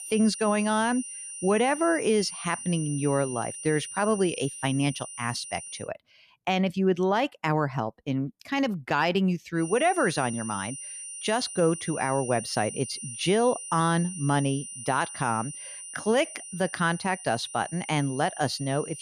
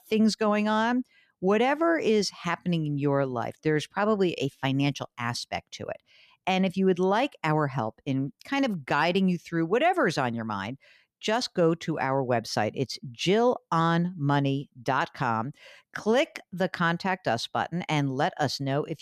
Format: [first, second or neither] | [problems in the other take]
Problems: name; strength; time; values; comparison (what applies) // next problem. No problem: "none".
second | high-pitched whine; loud; until 6 s and from 9.5 s on; 9.5 kHz, 10 dB below the speech